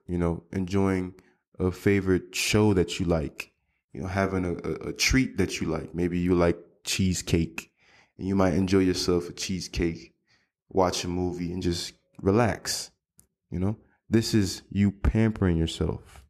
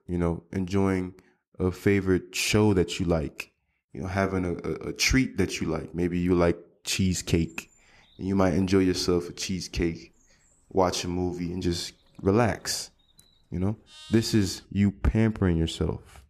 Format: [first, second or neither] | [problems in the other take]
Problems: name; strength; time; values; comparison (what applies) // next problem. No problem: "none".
first | animal sounds; faint; from 7 s on; 25 dB below the speech